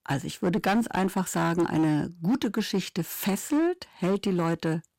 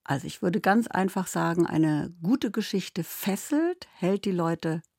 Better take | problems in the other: second | distortion; slight; 10% of the sound clipped

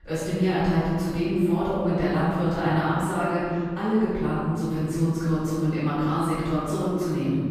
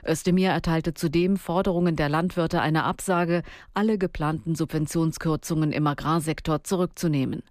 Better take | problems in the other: second | off-mic speech; far // room echo; strong; dies away in 2.1 s

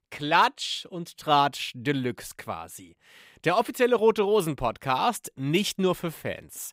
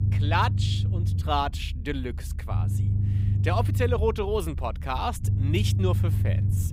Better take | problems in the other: first | low rumble; noticeable; throughout; 10 dB below the speech

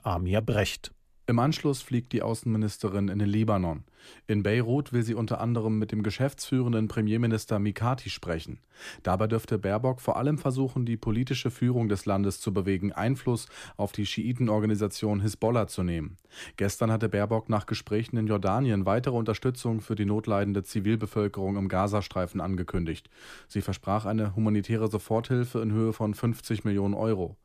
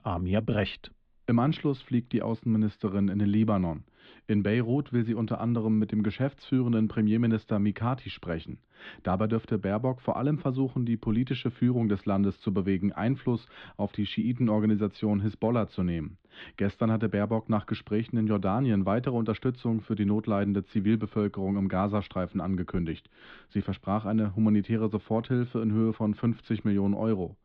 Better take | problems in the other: first | muffled; slightly; fading above 3.5 kHz

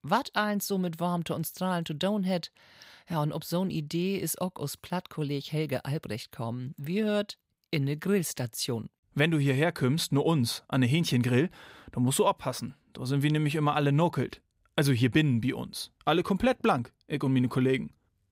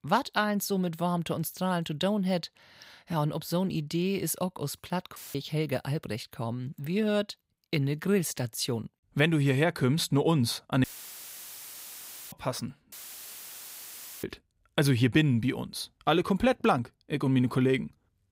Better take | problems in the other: first | audio cutting out; filled with static; at 5 s, at 11 s for 1.5 s and at 13 s for 1.5 s

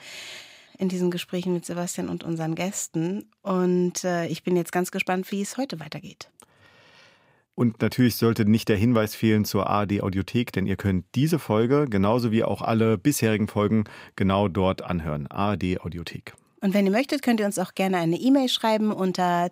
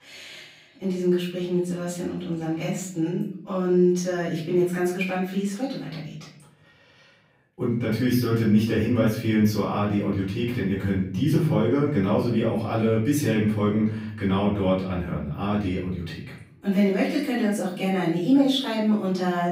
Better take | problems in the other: first | room echo; noticeable; dies away in 0.7 s // off-mic speech; far

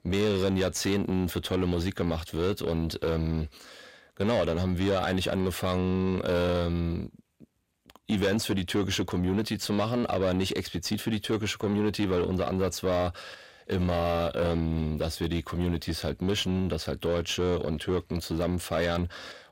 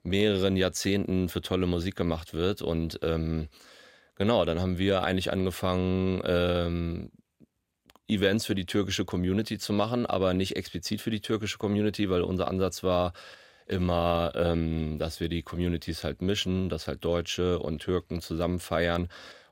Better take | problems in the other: second | distortion; slight; 10 dB below the speech

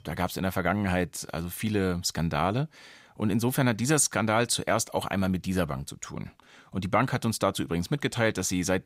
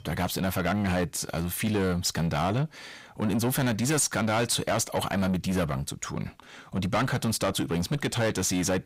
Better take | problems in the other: first | distortion; heavy; 8 dB below the speech

